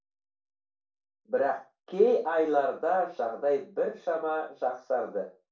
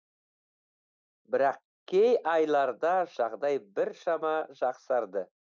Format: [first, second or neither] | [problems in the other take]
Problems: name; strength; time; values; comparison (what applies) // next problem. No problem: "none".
second | room echo; dies away in 0.3 s